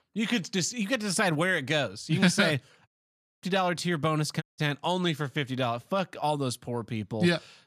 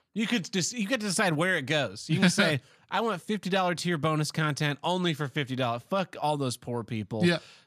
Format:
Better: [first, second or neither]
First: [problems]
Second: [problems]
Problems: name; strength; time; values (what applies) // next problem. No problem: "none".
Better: second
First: audio cutting out; at 3 s for 0.5 s and at 4.5 s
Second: none